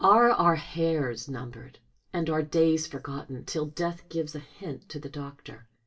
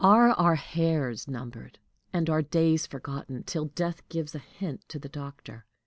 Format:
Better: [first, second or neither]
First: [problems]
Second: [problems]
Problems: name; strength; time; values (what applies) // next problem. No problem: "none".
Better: second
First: room echo; dies away in 0.2 s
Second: none